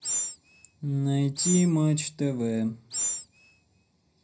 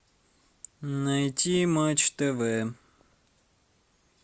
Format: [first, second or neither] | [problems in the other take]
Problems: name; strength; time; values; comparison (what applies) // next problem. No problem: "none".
second | background sound (Animal); 6 dB below the speech // room echo; dies away in 0.4 s